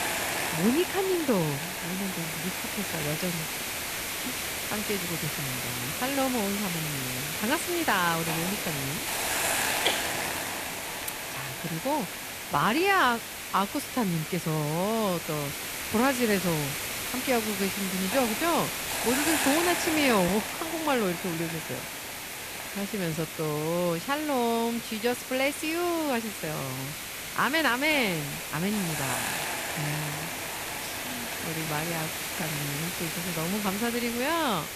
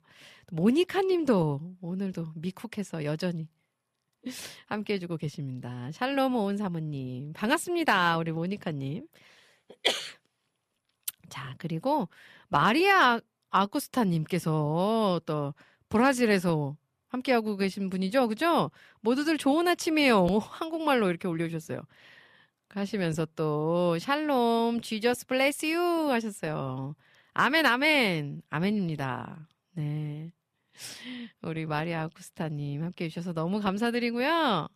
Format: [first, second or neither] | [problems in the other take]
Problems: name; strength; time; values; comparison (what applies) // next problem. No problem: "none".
second | hiss; loud; throughout; 2 dB below the speech